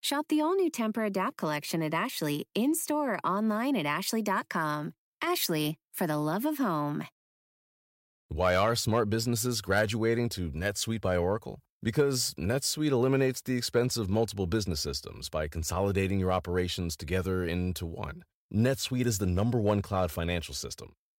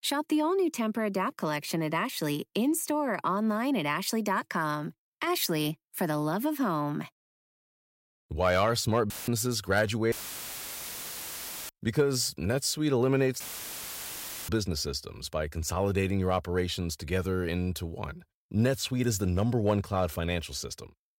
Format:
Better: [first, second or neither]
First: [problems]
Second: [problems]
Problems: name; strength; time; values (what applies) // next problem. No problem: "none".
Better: first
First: none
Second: audio cutting out; filled with static; at 9 s, at 10 s for 1.5 s and at 13 s for 1 s